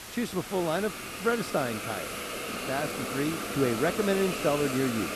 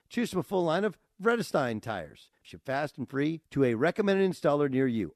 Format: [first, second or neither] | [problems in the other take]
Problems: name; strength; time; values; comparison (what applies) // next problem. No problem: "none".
second | hiss; loud; throughout; 4 dB below the speech